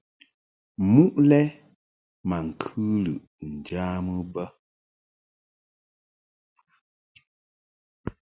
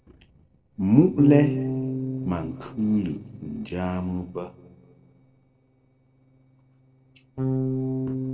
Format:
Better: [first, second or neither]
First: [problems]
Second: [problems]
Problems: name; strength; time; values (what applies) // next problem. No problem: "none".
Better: first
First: none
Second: noise reduction (neural separator model SepFormer DNS4)